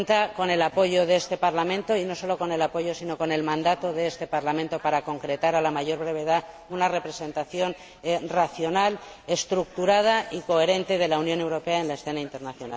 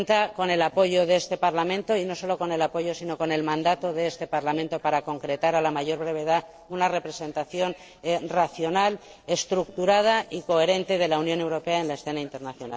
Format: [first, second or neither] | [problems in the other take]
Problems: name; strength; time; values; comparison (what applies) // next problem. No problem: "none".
first | noise reduction (neural separator model SepFormer DNS4)